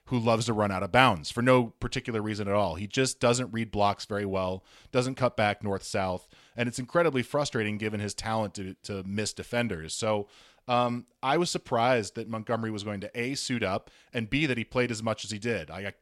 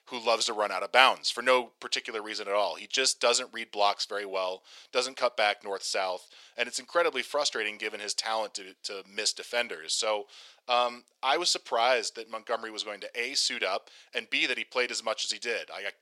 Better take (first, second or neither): first